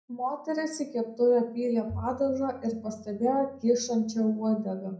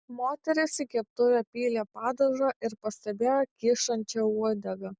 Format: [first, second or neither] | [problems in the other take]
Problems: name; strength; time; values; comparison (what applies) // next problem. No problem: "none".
second | background sound (Bowed string instrument); 16 dB below the speech // room echo; dies away in 0.5 s